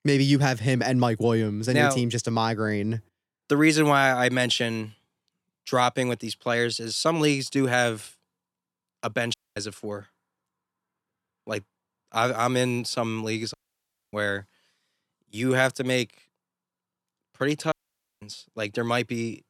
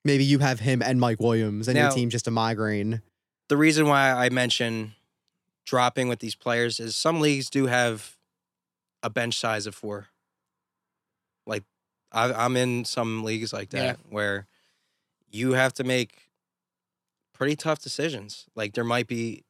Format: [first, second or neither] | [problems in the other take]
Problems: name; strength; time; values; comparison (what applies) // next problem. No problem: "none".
second | audio cutting out; at 9.5 s, at 14 s for 0.5 s and at 18 s